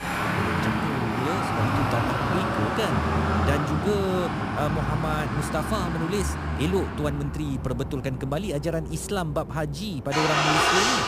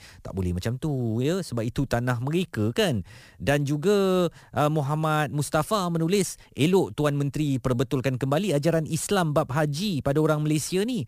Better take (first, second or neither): second